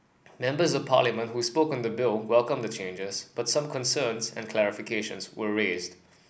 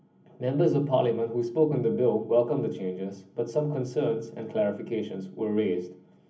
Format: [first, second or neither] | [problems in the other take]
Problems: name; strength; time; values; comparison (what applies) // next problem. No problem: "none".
first | room echo; dies away in 0.3 s